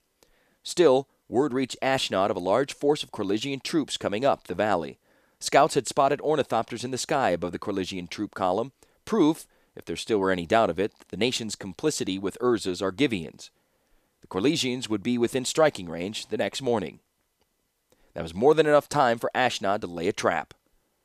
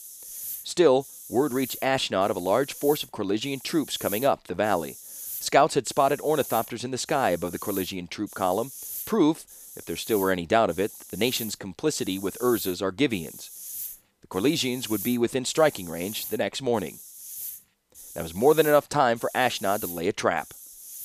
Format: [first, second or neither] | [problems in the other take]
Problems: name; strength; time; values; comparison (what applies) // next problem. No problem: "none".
first | hiss; noticeable; throughout; 10 dB below the speech